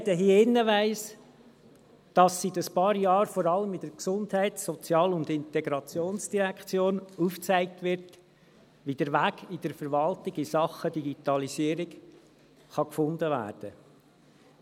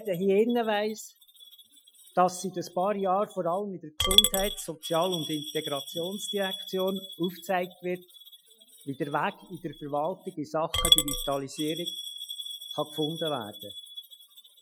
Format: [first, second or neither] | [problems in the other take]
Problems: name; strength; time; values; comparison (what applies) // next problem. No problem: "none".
first | noise reduction (classical method Wiener filter)